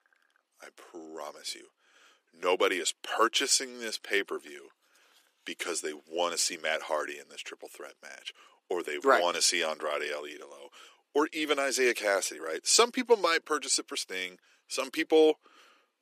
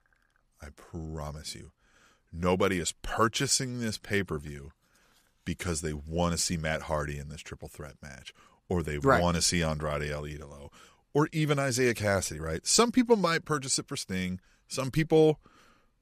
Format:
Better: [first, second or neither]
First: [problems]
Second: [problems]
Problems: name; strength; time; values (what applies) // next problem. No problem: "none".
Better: second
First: thin; somewhat; fading below 300 Hz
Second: none